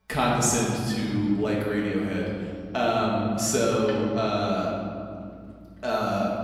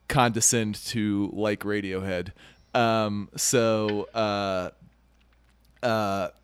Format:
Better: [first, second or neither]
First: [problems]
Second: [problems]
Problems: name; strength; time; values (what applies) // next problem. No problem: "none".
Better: second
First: room echo; noticeable; dies away in 2.4 s // off-mic speech; far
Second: none